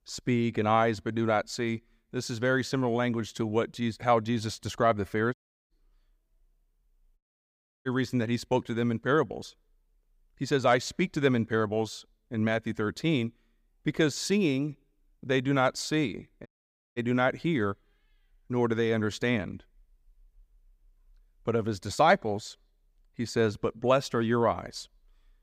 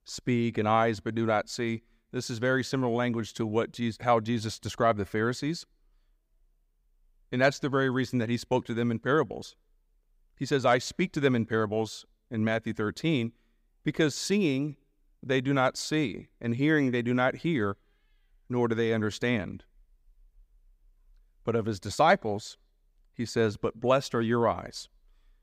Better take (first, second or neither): second